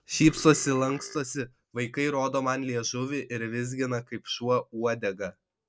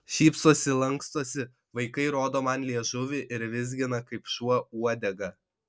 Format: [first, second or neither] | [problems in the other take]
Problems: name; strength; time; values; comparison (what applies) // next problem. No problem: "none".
second | background sound (Burping, eructation); 17 dB below the speech